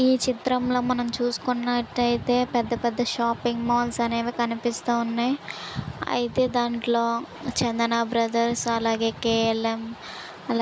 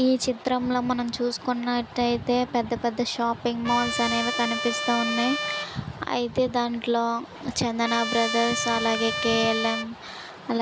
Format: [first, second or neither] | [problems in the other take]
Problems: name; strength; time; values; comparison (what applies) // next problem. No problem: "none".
first | background sound (Trumpet); 4 dB below the speech